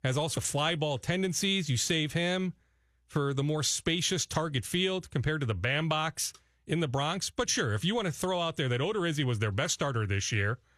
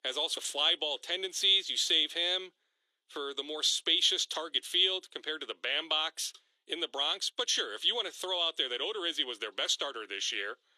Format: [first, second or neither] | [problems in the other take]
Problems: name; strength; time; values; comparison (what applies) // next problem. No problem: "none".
first | thin; very; fading below 350 Hz